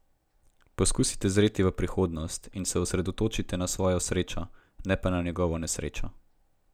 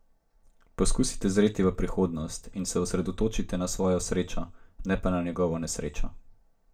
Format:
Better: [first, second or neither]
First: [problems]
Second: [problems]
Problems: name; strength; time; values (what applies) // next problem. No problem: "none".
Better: first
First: none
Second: room echo; dies away in 0.2 s